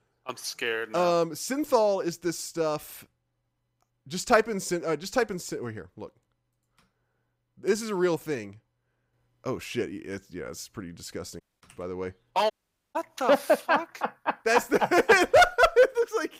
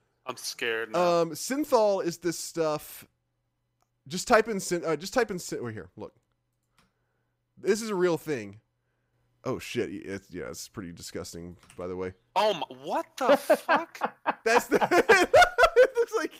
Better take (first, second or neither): second